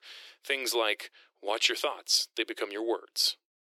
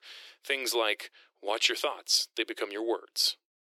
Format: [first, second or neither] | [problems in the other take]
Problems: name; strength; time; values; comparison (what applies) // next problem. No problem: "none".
neither | thin; very; fading below 350 Hz; the same in both